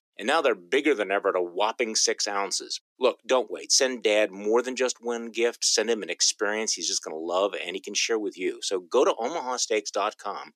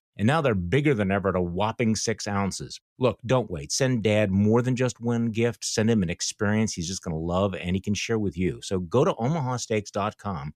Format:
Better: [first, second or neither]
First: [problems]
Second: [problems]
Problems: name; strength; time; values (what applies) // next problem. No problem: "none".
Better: second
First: thin; very; fading below 300 Hz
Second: none